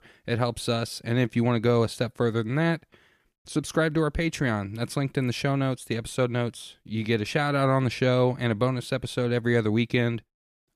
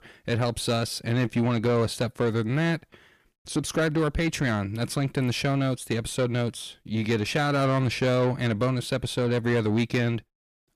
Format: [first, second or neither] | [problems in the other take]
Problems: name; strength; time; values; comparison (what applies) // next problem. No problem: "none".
first | distortion; slight; 10 dB below the speech